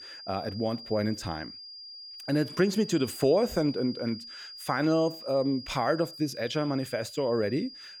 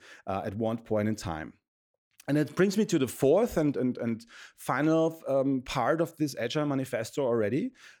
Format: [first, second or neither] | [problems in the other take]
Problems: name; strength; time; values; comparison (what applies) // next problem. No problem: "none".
second | high-pitched whine; noticeable; throughout; 5 kHz, 15 dB below the speech